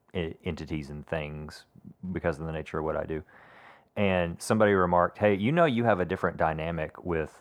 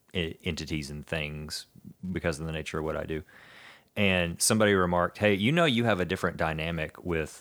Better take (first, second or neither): second